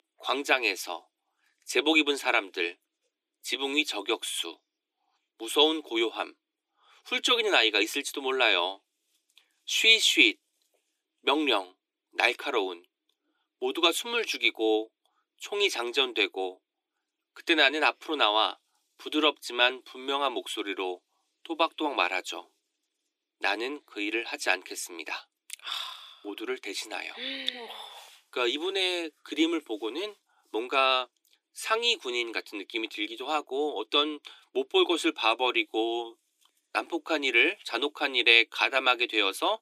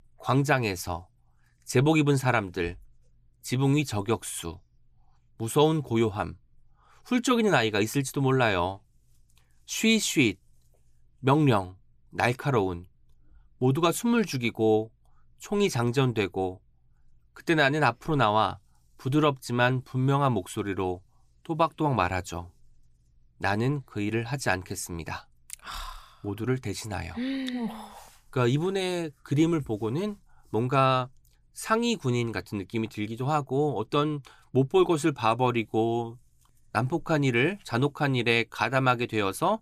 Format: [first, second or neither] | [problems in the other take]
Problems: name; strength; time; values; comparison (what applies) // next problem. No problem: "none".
second | thin; somewhat; fading below 300 Hz